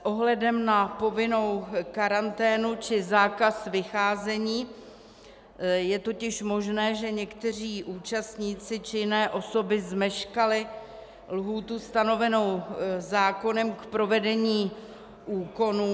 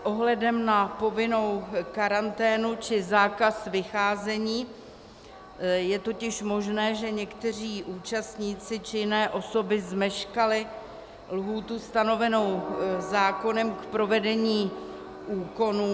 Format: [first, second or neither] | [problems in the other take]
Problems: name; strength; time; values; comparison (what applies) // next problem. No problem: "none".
first | background sound (Train); 16 dB below the speech